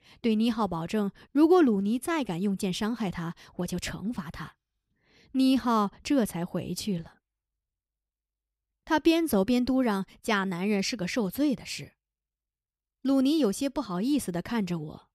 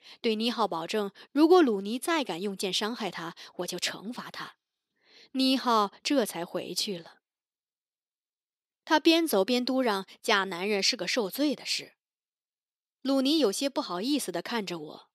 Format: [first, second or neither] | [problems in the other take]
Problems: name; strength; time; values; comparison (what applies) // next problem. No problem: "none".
first | thin; very slightly; fading below 400 Hz